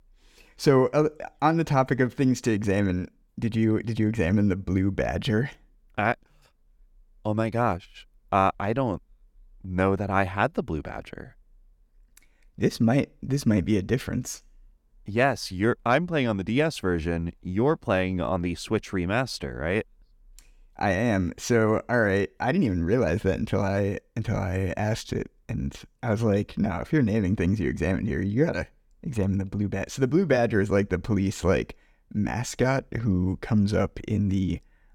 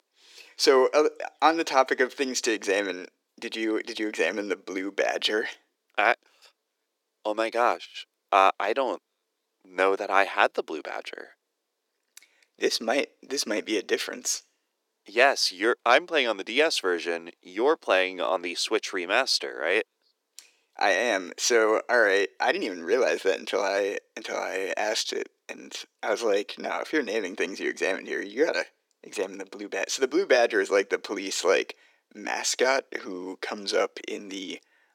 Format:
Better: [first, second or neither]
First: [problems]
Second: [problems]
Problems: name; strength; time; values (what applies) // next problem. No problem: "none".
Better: first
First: none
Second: thin; very; fading below 350 Hz